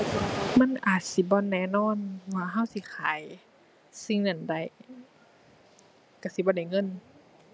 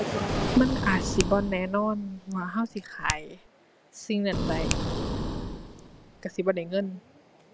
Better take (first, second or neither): first